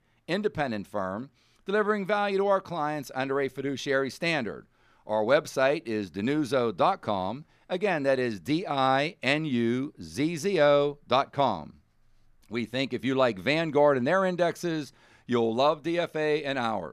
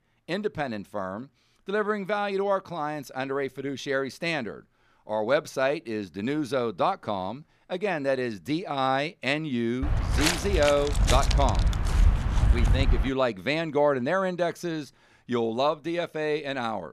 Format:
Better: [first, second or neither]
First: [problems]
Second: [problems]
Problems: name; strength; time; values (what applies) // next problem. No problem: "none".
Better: first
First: none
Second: footsteps; loud; from 10 to 13 s; peak 4 dB above the speech